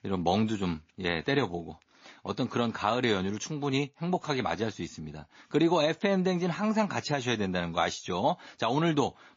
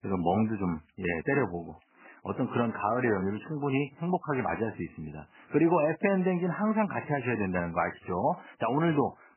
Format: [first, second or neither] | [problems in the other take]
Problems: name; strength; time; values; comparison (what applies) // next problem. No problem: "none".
first | garbled, watery; badly; nothing above 2.5 kHz; slightly in the first